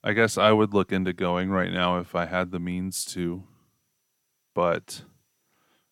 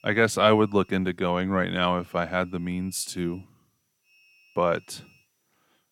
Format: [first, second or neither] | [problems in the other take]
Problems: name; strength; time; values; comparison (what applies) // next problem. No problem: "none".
first | high-pitched whine; faint; until 1 s, from 2 to 3.5 s and from 4 to 5 s; 2.5 kHz, 35 dB below the speech